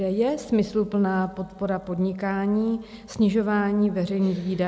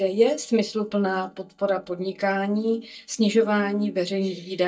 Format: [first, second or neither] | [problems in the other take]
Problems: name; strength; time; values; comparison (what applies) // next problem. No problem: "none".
first | noise reduction (neural mask model DeepFilterNet 3)